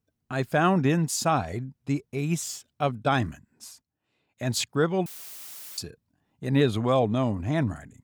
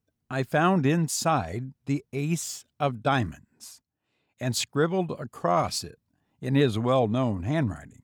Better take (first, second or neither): second